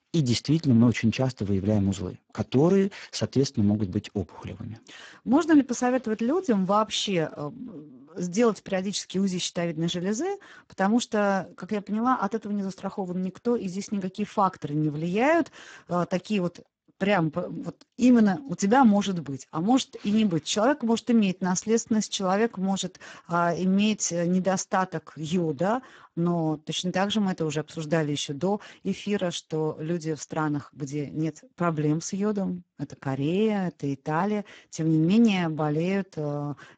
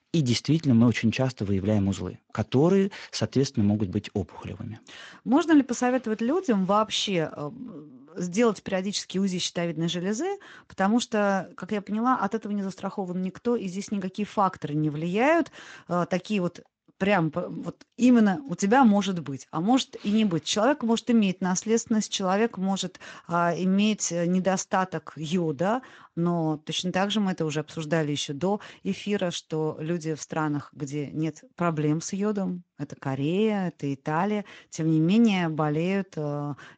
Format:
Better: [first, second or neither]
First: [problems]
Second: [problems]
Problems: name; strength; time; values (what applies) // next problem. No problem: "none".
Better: second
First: garbled, watery; badly; nothing above 7.5 kHz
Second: garbled, watery; slightly; nothing above 7.5 kHz